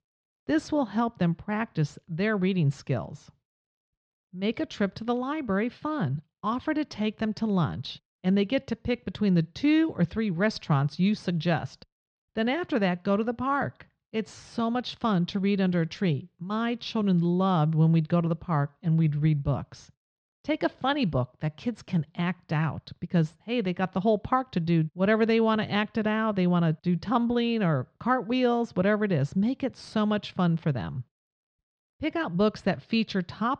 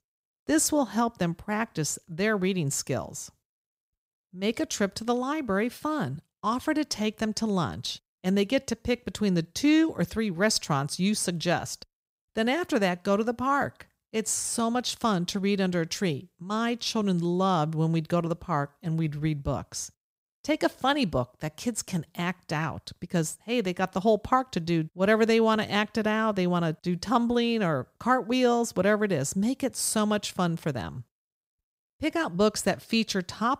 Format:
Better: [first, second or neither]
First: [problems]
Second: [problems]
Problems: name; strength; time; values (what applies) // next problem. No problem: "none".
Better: second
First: muffled; slightly; fading above 4 kHz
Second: none